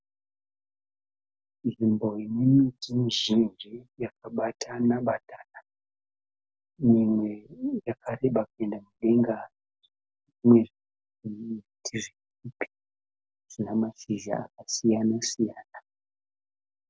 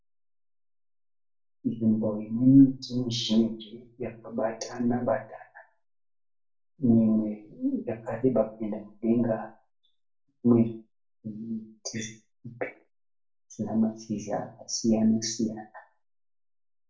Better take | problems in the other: first | room echo; dies away in 0.3 s

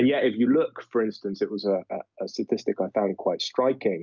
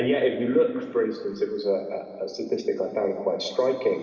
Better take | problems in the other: first | room echo; dies away in 2.5 s

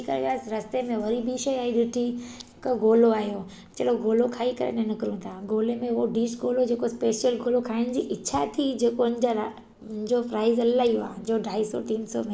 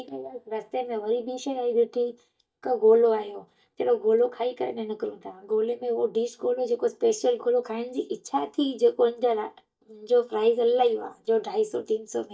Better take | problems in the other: first | noise reduction (neural mask model DeepFilterNet 3)

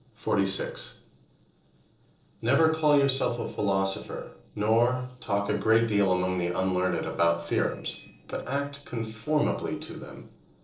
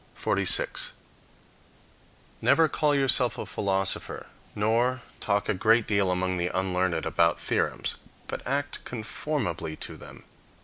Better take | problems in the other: second | noise reduction (neural separator model SepFormer DNS4)

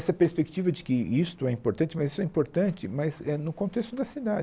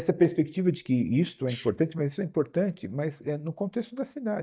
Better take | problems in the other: first | noise reduction (neural mask model DeepFilterNet 3)

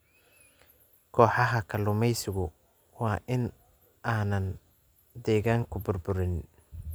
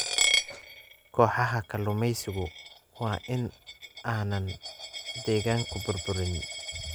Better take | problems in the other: first | background sound (Coin (dropping)); 4 dB below the speech

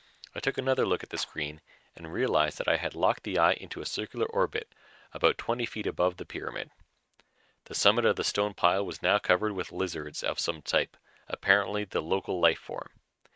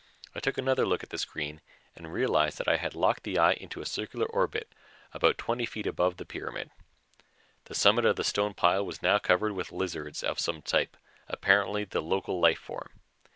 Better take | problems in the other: second | noise reduction (neural mask model RNNoise)

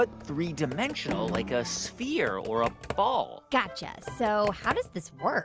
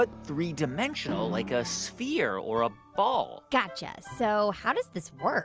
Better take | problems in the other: second | background sound (Computer keyboard); 12 dB below the speech

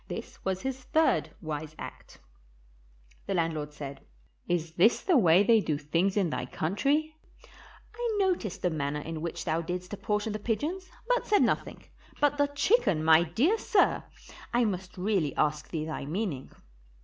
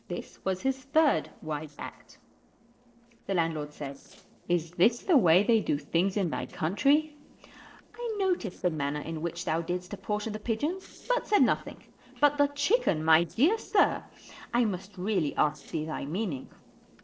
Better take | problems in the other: first | noise reduction (neural separator model SepFormer DNS4)

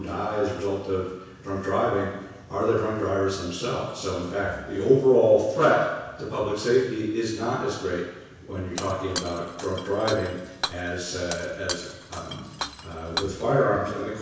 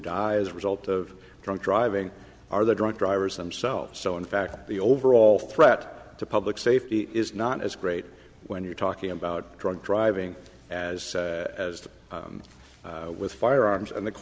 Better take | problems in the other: second | background sound (Shatter); 11 dB below the speech // room echo; dies away in 1.1 s

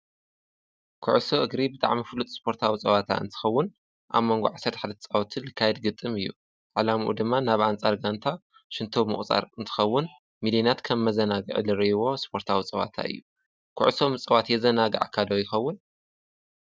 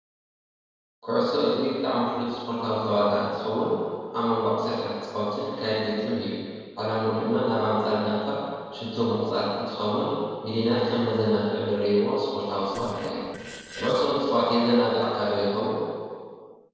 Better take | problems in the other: first | noise reduction (neural separator model SepFormer DNS4)

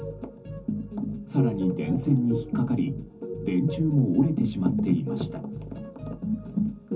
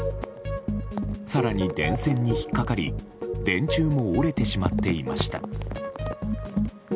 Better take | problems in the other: second | room echo; dies away in 0.3 s

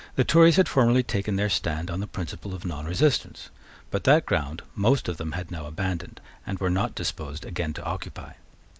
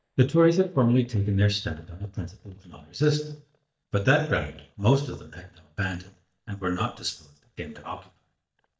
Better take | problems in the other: first | noise reduction (neural mask model DeepFilterNet 3)

